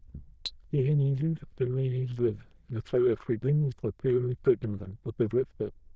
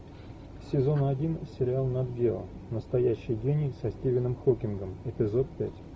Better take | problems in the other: second | noise reduction (neural diffusion model UNIVERSE++)

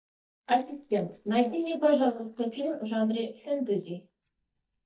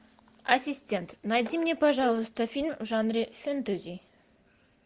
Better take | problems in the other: second | noise reduction (neural mask model DeepFilterNet 3)

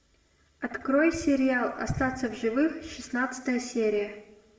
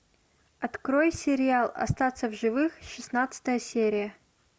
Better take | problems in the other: second | room echo; dies away in 0.8 s

